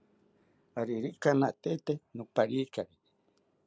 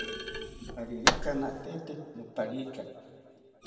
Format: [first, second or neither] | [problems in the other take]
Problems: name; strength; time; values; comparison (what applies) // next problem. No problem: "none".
first | background sound (Thump, thud); 3 dB above the speech // room echo; dies away in 2.2 s